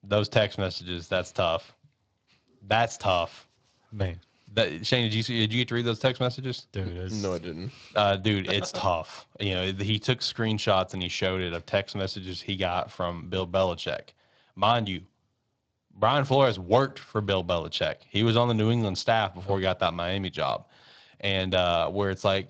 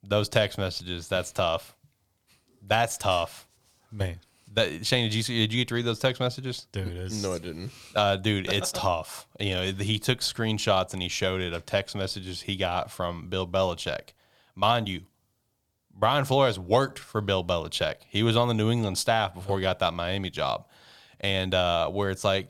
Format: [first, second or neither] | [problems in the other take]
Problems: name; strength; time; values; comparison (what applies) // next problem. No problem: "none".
second | garbled, watery; slightly; nothing above 7.5 kHz